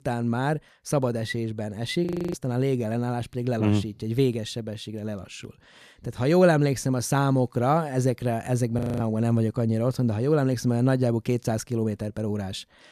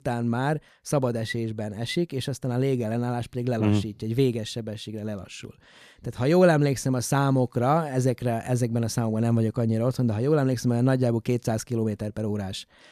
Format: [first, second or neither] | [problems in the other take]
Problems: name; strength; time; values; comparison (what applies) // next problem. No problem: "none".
second | audio freezing; at 2 s and at 9 s